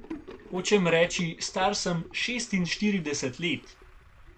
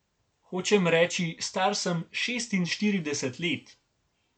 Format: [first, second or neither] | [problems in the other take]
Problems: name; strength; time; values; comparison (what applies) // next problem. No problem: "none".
second | background sound (Truck + Sink (filling or washing) / Gurgling); 17 dB below the speech